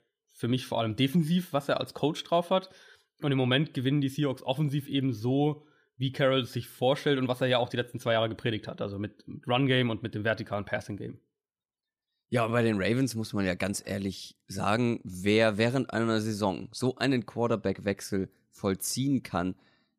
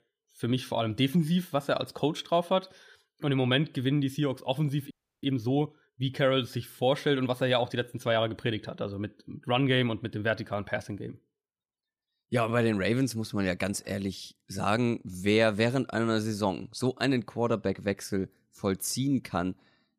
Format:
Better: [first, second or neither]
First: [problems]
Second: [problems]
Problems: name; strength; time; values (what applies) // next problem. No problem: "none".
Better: first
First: none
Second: audio freezing; at 5 s